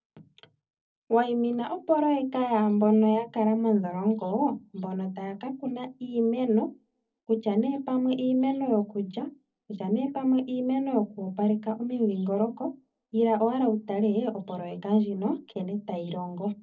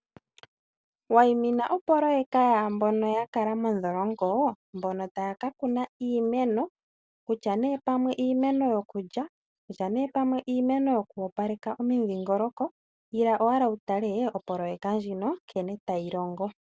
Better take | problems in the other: second | room echo; dies away in 0.4 s

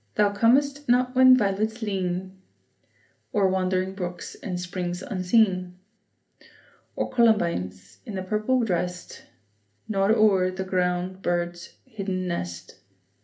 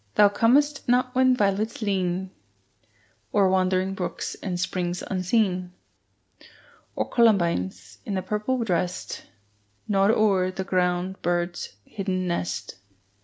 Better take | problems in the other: second | room echo; dies away in 0.3 s

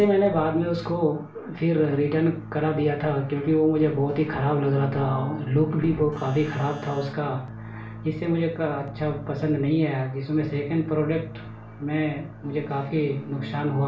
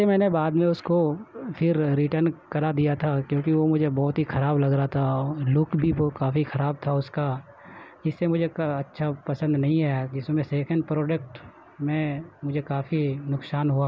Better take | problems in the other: second | background sound (Keyboard (musical)); 14 dB below the speech // room echo; dies away in 0.4 s

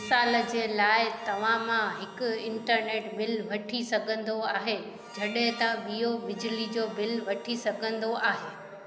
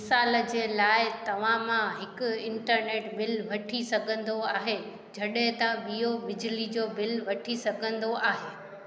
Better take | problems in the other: second | background sound (Harmonica); 19 dB below the speech

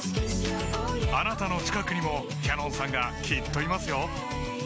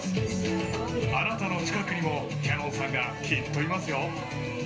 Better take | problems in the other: first | background sound (Race car, auto racing / Accelerating, revving, vroom / Mechanisms); 17 dB below the speech // room echo; dies away in 0.3 s

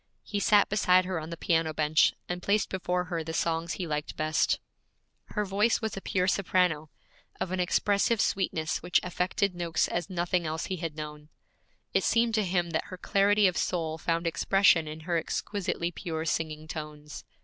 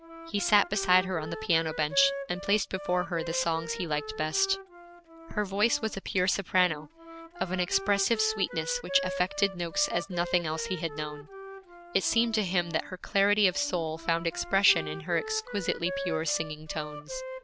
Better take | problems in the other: first | background sound (Wind instrument, woodwind instrument); 11 dB below the speech

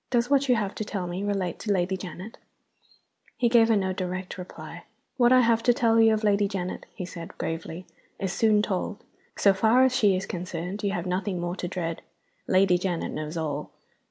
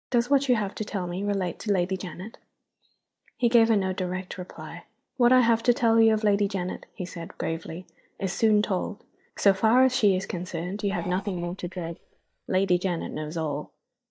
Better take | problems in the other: first | noise reduction (neural mask model DeepFilterNet 3)

